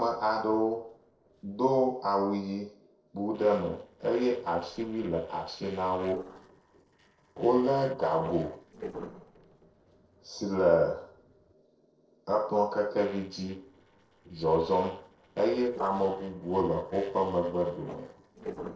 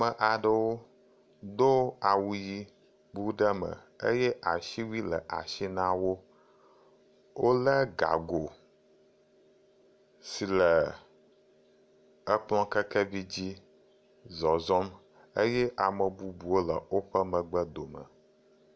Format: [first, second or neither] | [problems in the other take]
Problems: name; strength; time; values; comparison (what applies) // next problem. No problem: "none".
second | noise reduction (neural separator model SepFormer DNS4)